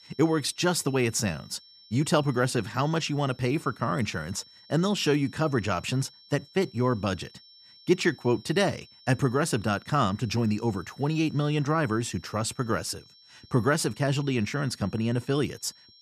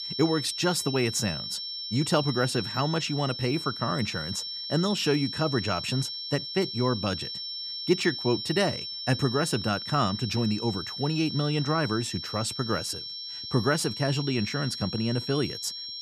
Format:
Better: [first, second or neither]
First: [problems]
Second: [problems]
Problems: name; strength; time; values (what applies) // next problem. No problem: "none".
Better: first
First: high-pitched whine; faint; throughout; 5.5 kHz, 25 dB below the speech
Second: high-pitched whine; loud; throughout; 5.5 kHz, 5 dB below the speech